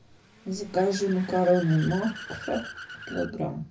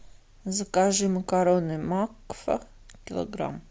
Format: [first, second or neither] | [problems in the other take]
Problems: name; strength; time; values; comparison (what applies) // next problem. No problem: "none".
second | background sound (Accelerating, revving, vroom / Car); 15 dB below the speech // room echo; dies away in 0.4 s